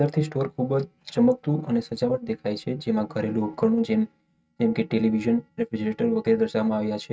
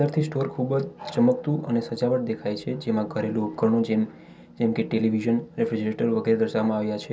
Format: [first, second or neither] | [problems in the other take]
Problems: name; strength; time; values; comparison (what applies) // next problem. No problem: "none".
second | noise reduction (neural mask model RNNoise)